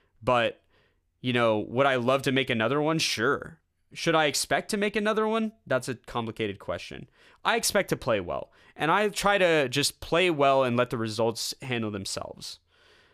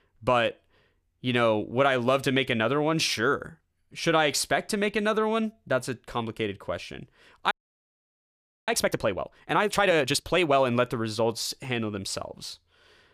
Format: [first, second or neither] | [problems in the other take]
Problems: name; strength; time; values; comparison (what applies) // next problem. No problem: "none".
first | audio freezing; at 7.5 s for 1 s